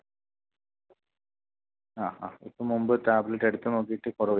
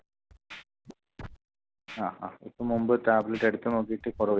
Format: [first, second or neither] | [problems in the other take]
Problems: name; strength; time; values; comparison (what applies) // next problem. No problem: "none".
first | background sound (Scratching (performance technique)); 19 dB below the speech